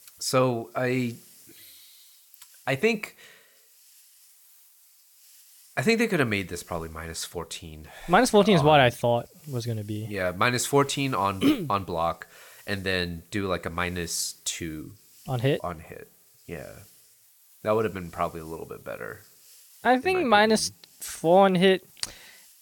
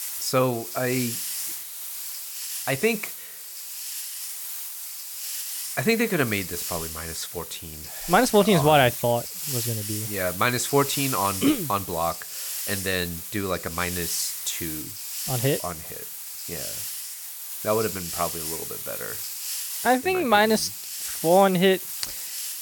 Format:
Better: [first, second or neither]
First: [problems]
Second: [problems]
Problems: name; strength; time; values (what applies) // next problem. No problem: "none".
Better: first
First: hiss; faint; throughout; 25 dB below the speech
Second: hiss; loud; throughout; 6 dB below the speech